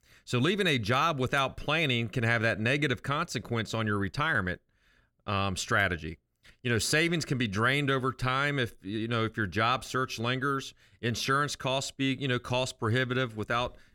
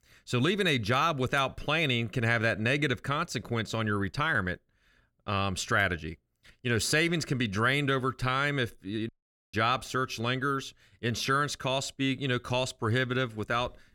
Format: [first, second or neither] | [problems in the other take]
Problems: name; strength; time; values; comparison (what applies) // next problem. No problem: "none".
first | audio cutting out; at 9 s